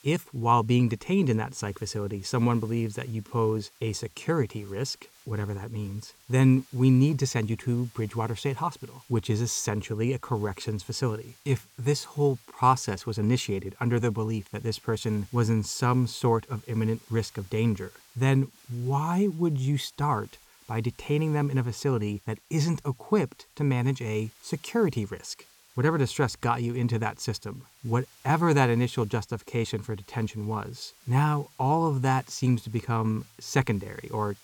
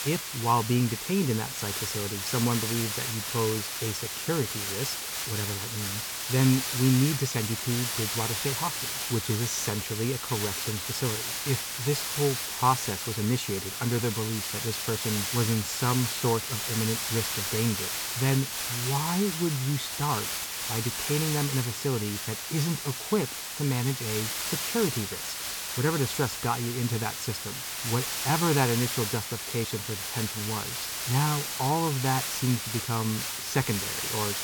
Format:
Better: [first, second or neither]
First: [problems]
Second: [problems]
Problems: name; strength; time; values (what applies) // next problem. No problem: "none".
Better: first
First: hiss; faint; throughout; 25 dB below the speech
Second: hiss; loud; throughout; 1 dB below the speech